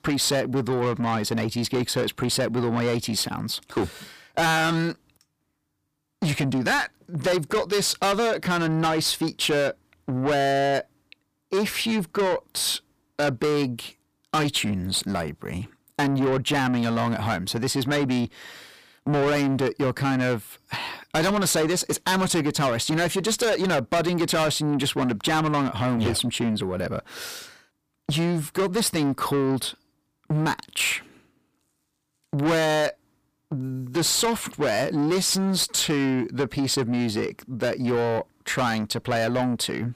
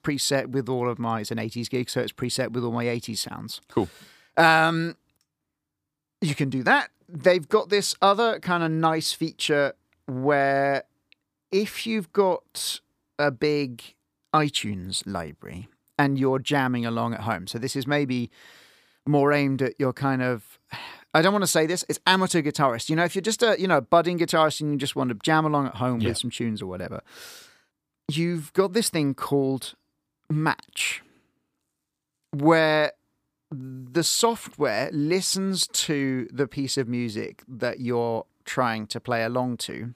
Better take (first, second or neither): second